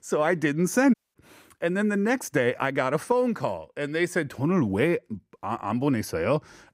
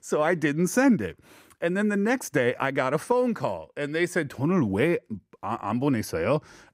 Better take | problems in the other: second | audio cutting out; at 1 s

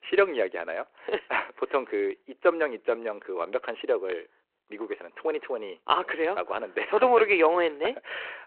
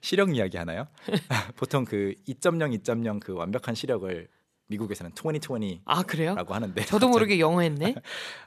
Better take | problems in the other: second | phone-call audio

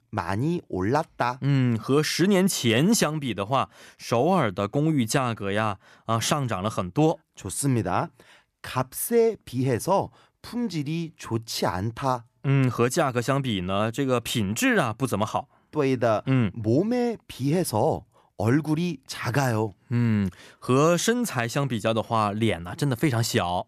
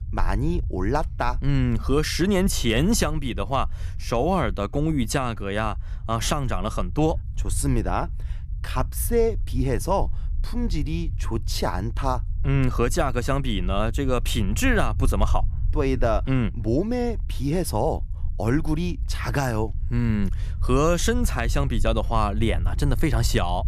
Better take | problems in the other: first | low rumble; faint; throughout; 20 dB below the speech

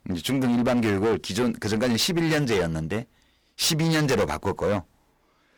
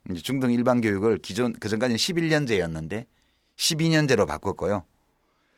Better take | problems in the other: second | distortion; heavy; 16% of the sound clipped

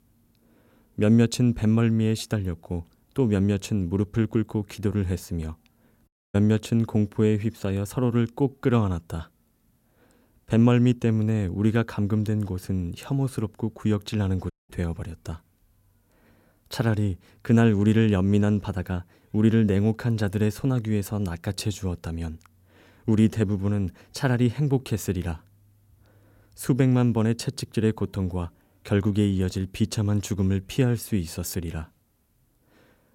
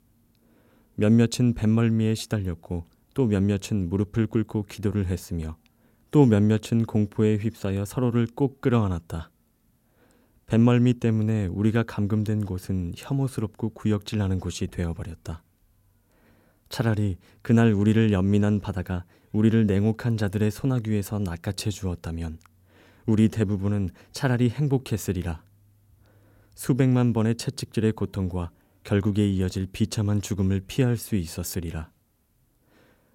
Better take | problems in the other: second | audio cutting out; at 6 s and at 15 s

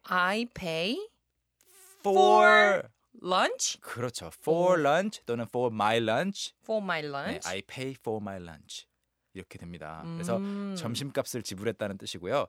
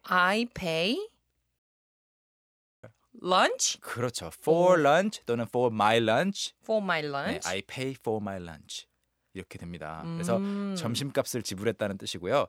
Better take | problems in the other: first | audio cutting out; at 1.5 s for 1 s

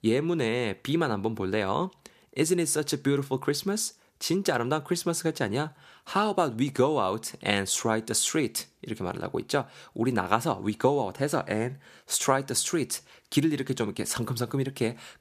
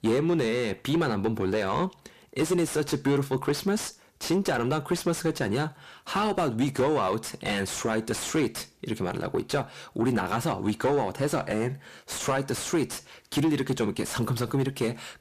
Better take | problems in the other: first | distortion; heavy; 7 dB below the speech

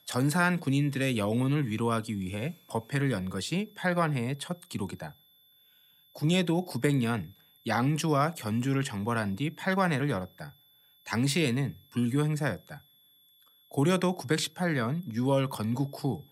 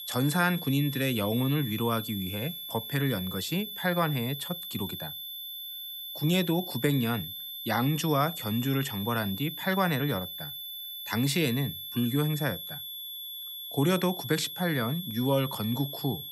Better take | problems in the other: first | high-pitched whine; loud; throughout; 3.5 kHz, 7 dB below the speech; faint in the first

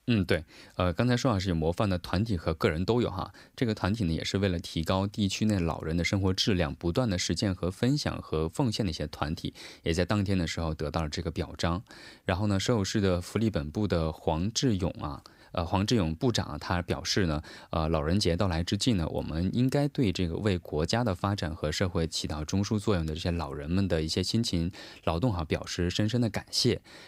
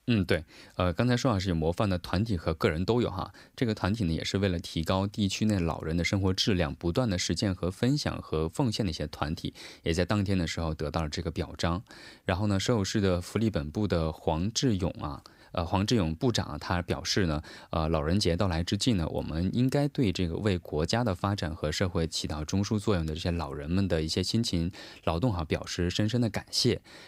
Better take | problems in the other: neither | none

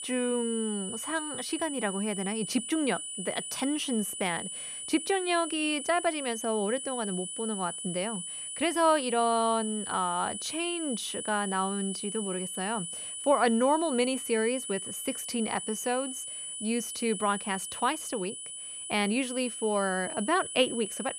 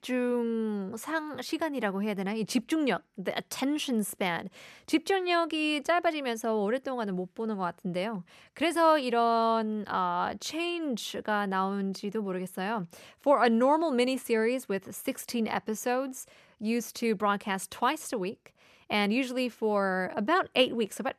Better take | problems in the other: second | high-pitched whine; loud; throughout; 9.5 kHz, 6 dB below the speech

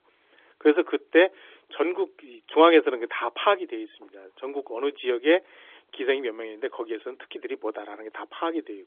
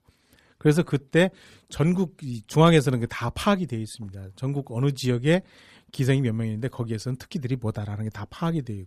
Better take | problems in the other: second | phone-call audio; nothing above 3.5 kHz

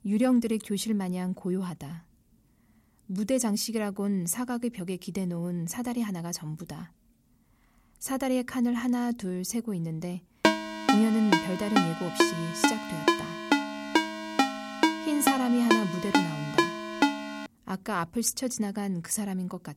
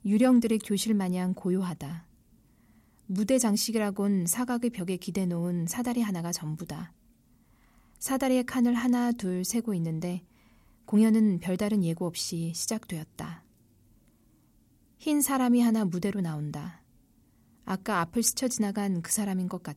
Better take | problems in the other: second | phone ringing; loud; from 10 to 17 s; peak 5 dB above the speech

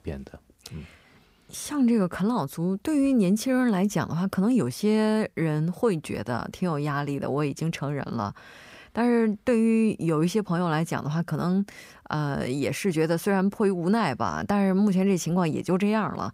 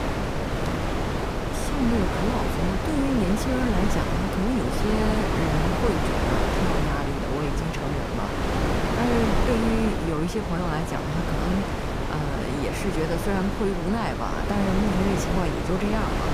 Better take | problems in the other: first | wind noise on the microphone; heavy; 2 dB above the speech

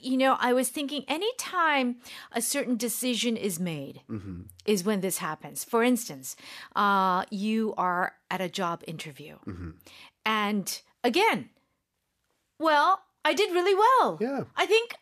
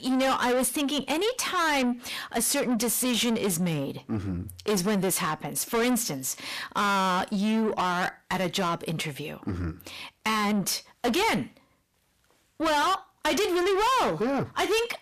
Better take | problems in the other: first | distortion; heavy; 6 dB below the speech

